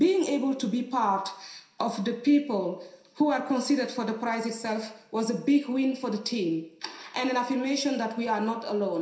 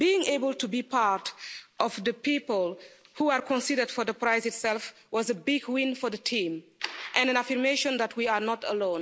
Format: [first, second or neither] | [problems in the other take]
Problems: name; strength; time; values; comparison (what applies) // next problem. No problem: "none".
second | room echo; dies away in 0.7 s